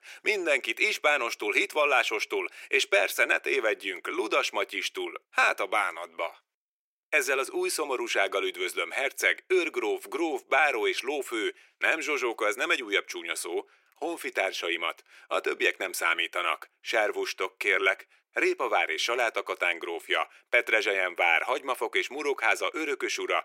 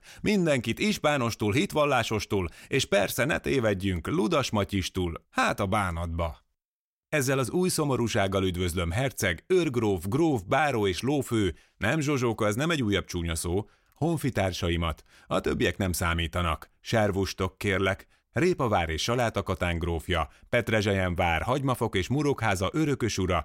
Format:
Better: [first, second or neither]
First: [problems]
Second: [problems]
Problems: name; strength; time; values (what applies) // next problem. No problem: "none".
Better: second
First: thin; very; fading below 350 Hz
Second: none